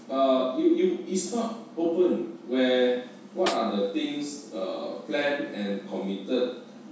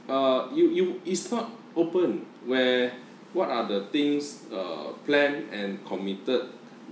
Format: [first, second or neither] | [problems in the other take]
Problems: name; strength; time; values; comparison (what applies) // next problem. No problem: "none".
second | background sound (Snare drum); 12 dB below the speech // room echo; dies away in 0.7 s